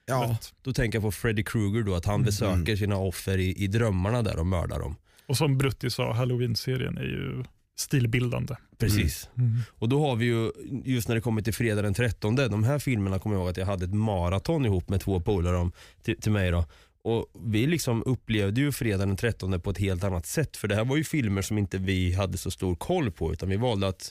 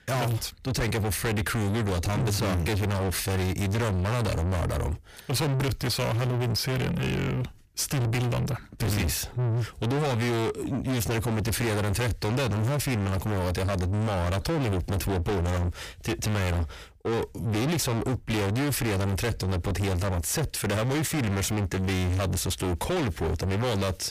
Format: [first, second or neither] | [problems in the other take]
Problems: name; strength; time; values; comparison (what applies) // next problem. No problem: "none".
first | distortion; heavy; 5 dB below the speech